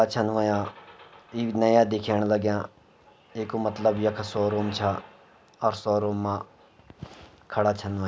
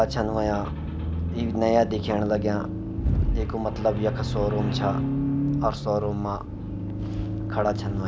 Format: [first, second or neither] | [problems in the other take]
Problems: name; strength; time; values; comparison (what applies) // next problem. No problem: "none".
first | background sound (Accelerating, revving, vroom); 1 dB below the speech